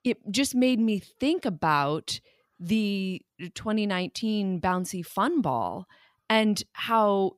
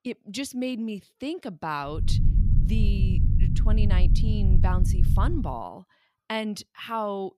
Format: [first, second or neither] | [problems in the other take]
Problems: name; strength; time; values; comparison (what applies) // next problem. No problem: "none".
first | low rumble; loud; from 2 to 5.5 s; 7 dB below the speech